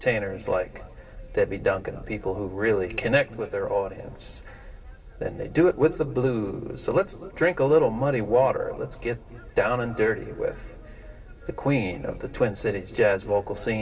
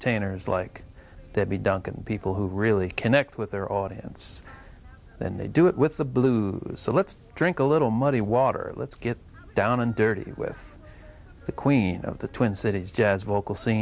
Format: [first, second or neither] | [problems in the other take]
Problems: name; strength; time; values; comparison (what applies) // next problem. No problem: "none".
second | room echo; dies away in 2.9 s